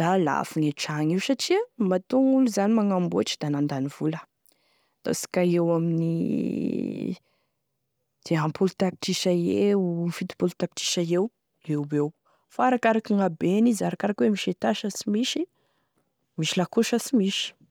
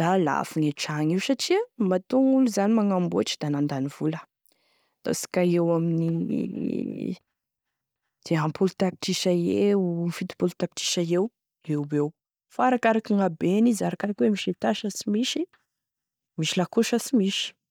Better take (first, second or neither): first